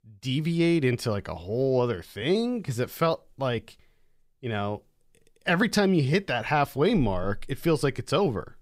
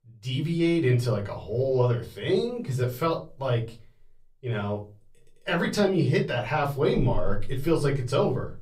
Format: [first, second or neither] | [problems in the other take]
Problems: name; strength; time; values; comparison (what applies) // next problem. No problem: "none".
first | off-mic speech; far // room echo; very slight; dies away in 0.3 s